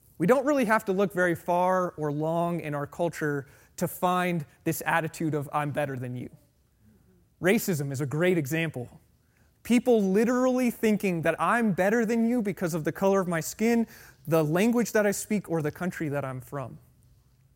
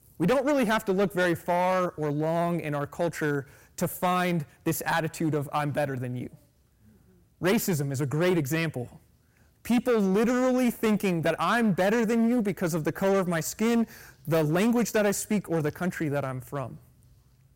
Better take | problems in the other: first | distortion; slight; 8% of the sound clipped

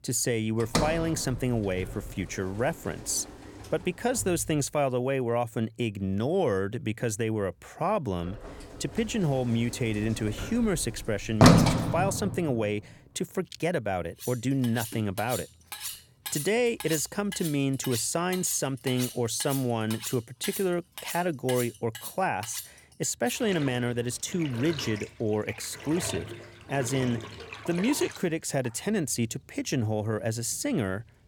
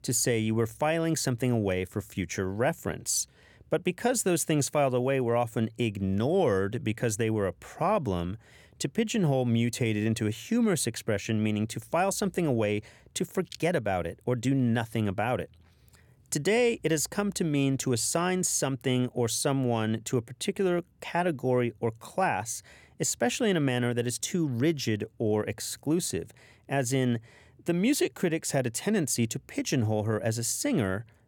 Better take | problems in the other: second | household noises; loud; throughout; 4 dB below the speech

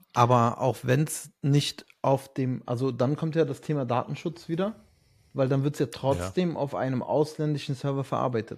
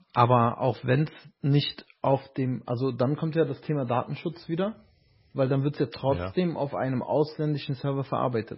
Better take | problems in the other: first | garbled, watery; badly; nothing above 5.5 kHz

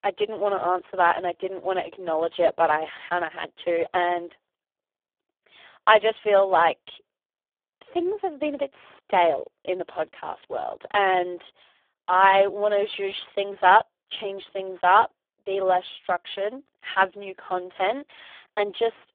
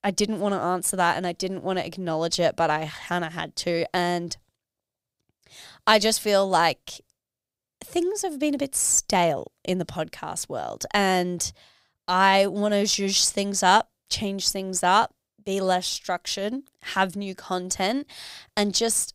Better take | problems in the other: second | phone-call audio; poor line

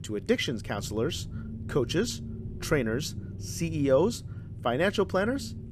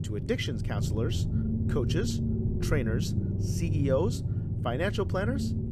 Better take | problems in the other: first | low rumble; loud; throughout; 7 dB below the speech; faint in the first

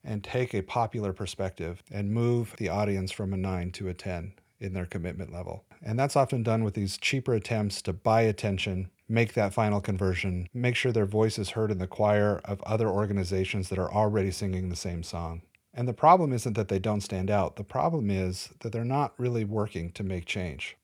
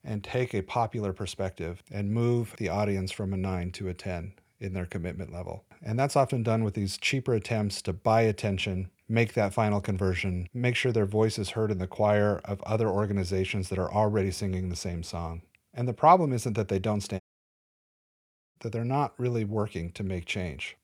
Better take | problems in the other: first | audio cutting out; at 17 s for 1.5 s

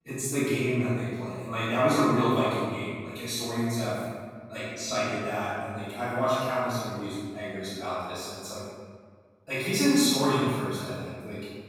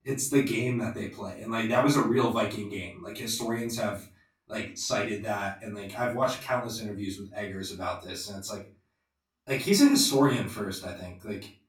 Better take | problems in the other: second | room echo; strong; dies away in 1.6 s; slight in the second // off-mic speech; far; far in the second

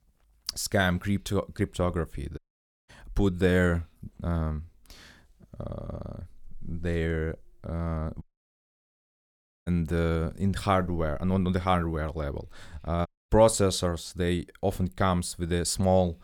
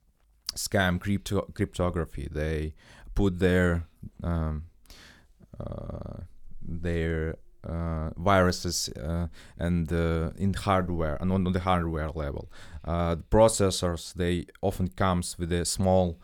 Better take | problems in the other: second | audio cutting out; at 2.5 s for 0.5 s, at 8 s for 1.5 s and at 13 s

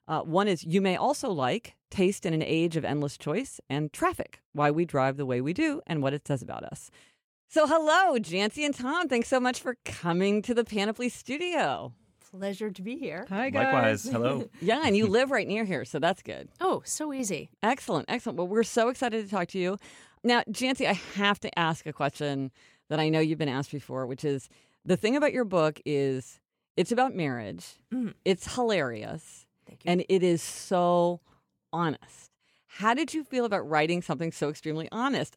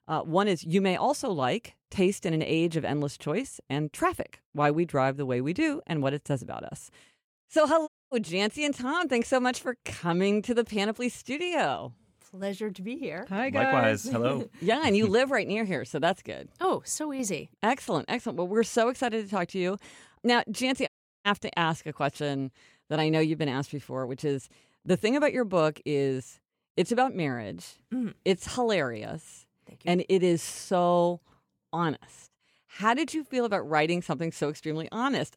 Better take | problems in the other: first | audio cutting out; at 8 s and at 21 s

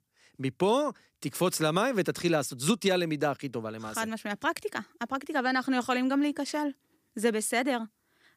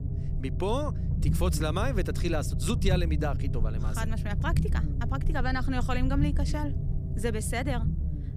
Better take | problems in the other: first | low rumble; loud; throughout; 9 dB below the speech

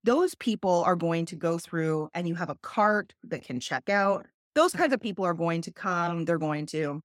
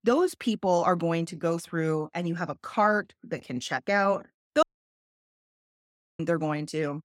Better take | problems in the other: first | audio cutting out; at 4.5 s for 1.5 s

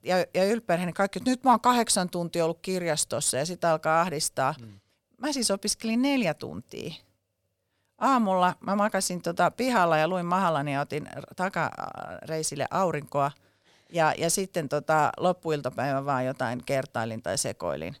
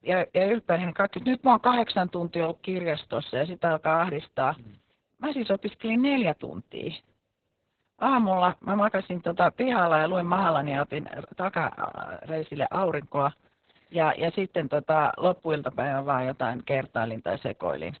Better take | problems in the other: first | garbled, watery; badly; nothing above 4 kHz

